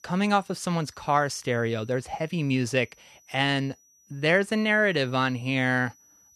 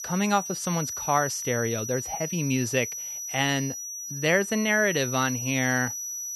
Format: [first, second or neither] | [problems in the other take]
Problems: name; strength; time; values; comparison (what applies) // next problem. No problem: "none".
first | high-pitched whine; loud; throughout; 6 kHz, 5 dB below the speech; faint in the first